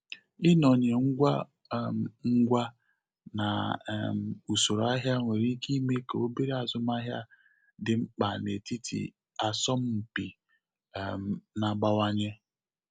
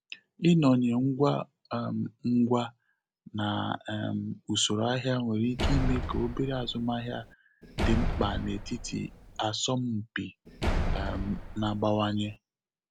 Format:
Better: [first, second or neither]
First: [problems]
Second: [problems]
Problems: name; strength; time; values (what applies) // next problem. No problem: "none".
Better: first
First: none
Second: background sound (Slam); 3 dB below the speech